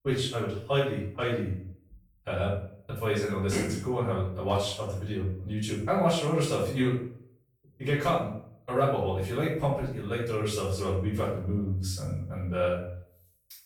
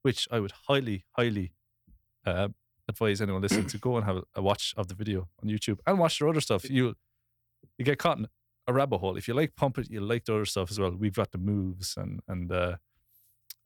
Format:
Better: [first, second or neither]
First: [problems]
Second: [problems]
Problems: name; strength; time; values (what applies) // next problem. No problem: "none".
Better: second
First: off-mic speech; far // room echo; noticeable; dies away in 0.6 s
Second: none